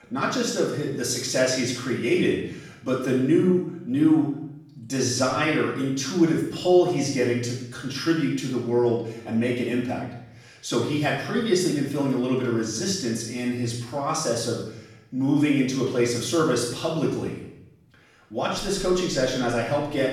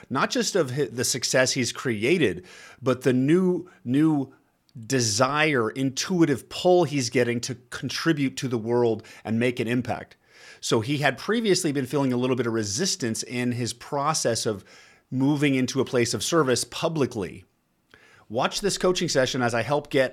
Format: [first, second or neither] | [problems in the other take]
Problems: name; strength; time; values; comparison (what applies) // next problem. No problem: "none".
second | off-mic speech; far // room echo; noticeable; dies away in 0.7 s